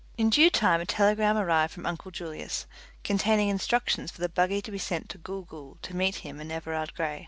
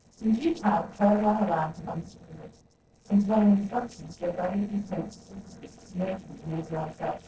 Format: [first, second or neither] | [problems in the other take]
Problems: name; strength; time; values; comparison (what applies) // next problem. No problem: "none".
first | noise reduction (neural separator model SepFormer DNS4)